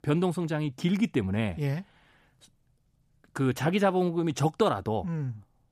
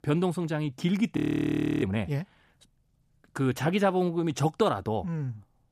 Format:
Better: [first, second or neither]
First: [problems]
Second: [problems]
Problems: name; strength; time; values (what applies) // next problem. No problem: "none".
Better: first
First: none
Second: audio freezing; at 1 s for 0.5 s